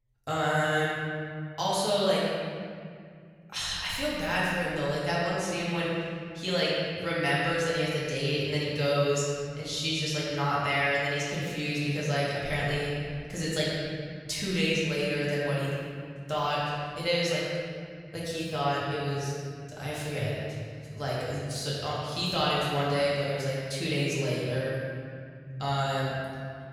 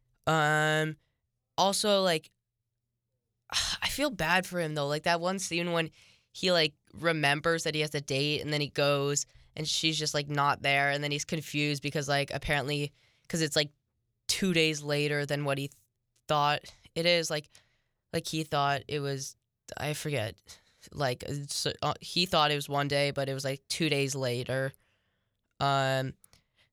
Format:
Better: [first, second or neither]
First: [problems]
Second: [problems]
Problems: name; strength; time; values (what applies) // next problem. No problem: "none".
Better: second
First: room echo; strong; dies away in 2.7 s // off-mic speech; far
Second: none